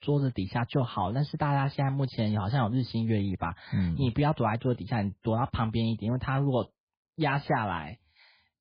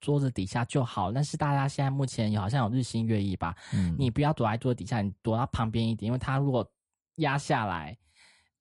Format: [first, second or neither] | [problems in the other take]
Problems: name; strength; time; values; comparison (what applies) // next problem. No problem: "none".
second | garbled, watery; badly; nothing above 4 kHz; slightly in the second